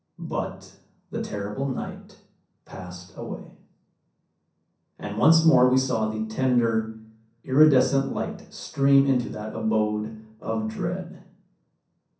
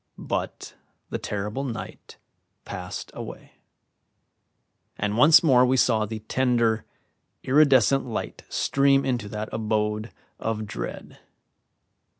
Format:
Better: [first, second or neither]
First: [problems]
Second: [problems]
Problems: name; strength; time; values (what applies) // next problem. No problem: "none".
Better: second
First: room echo; dies away in 0.6 s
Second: none